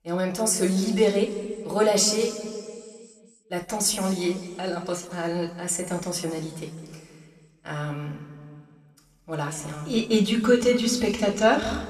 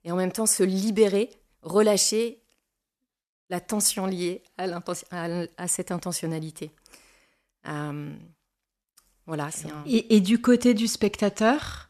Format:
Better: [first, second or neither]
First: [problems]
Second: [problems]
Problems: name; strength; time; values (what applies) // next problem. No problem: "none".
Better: second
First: room echo; slight; dies away in 2 s // off-mic speech; somewhat distant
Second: none